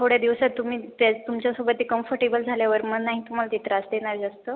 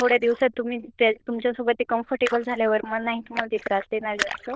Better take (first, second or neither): first